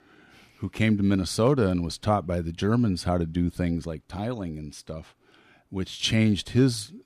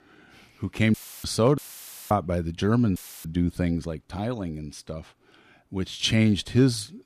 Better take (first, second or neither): first